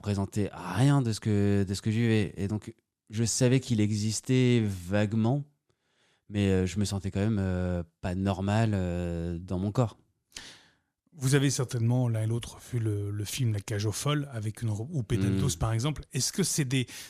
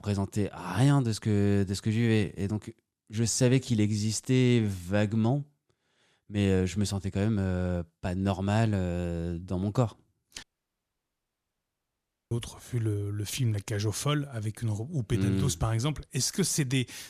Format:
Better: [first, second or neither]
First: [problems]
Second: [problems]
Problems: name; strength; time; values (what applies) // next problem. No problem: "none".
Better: first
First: none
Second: audio cutting out; at 10 s for 2 s